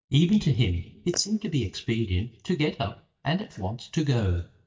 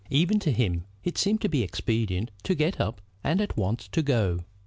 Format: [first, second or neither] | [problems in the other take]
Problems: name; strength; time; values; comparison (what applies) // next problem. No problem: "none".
second | noise reduction (neural mask model DeepFilterNet 3)